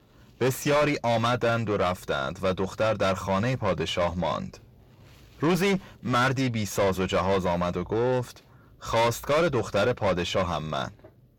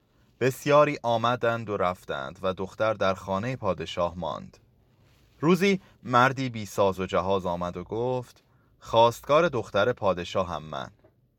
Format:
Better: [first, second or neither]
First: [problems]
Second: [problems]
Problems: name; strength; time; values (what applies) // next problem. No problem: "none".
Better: second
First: distortion; heavy; 5 dB below the speech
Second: none